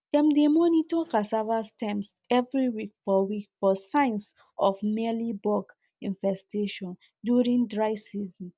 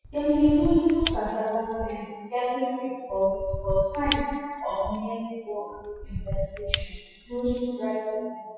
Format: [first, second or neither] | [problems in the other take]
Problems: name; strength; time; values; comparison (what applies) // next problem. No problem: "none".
first | noise reduction (classical method WPE with log-MMSE)